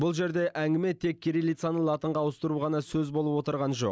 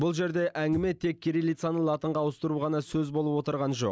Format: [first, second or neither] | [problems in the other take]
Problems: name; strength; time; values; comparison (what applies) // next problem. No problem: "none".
first | background sound (Thump, thud); 18 dB below the speech